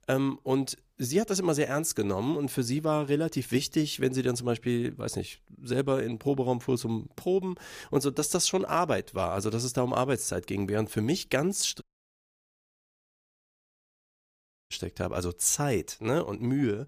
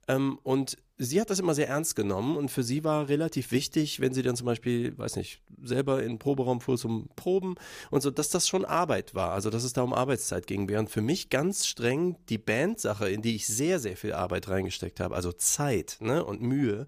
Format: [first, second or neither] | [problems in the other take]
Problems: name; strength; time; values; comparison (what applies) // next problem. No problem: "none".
second | audio cutting out; at 12 s for 3 s